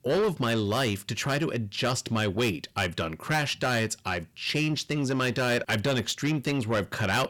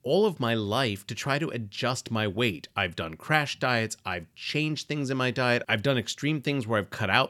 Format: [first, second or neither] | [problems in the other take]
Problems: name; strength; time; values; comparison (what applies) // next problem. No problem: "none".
second | distortion; heavy; 7 dB below the speech